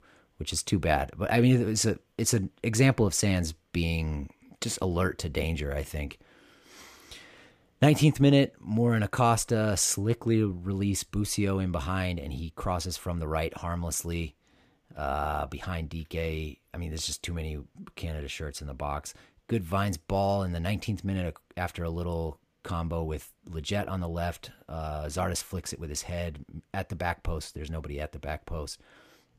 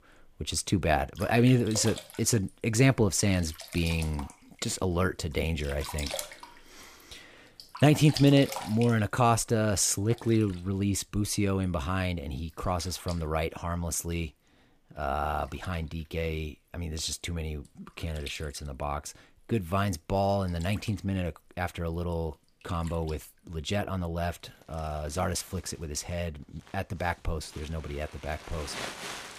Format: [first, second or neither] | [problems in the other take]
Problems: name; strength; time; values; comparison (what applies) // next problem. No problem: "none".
first | household noises; noticeable; throughout; 15 dB below the speech